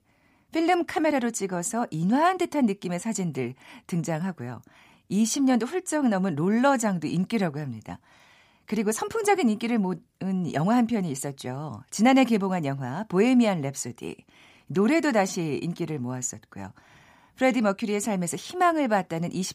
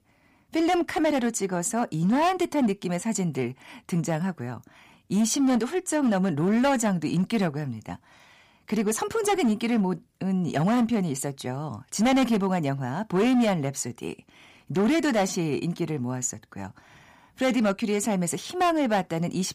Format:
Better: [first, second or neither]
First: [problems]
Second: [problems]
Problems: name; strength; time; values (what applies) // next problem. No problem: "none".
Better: first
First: none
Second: distortion; slight; 7% of the sound clipped